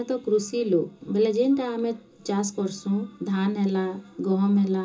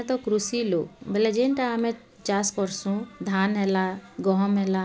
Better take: second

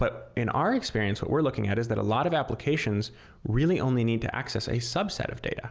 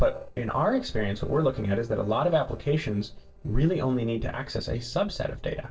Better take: first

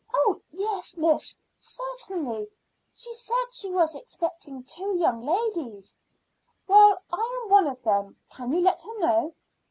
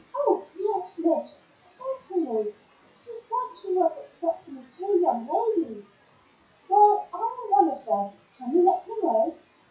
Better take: first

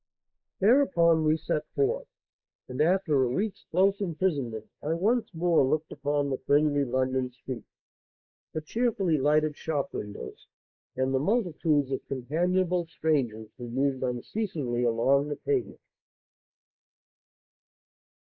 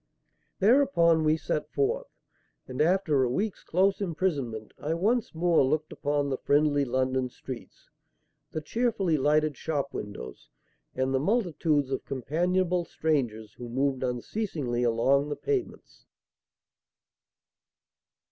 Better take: second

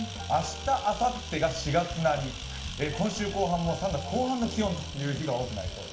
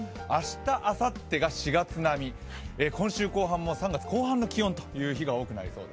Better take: second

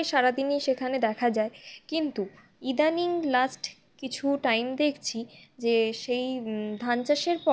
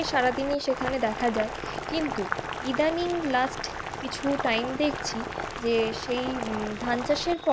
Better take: first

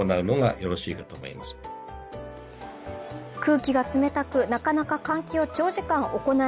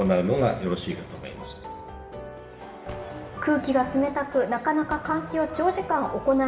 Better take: first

